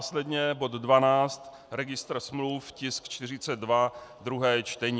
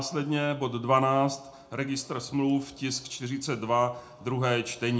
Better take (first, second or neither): first